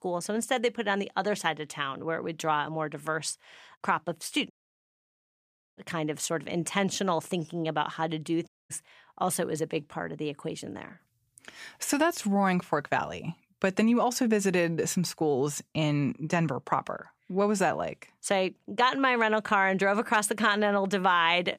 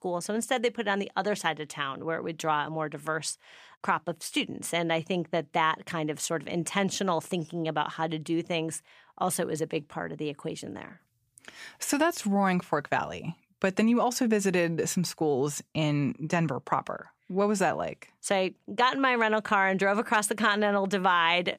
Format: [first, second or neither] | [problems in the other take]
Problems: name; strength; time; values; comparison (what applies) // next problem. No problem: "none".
second | audio cutting out; at 4.5 s for 1.5 s and at 8.5 s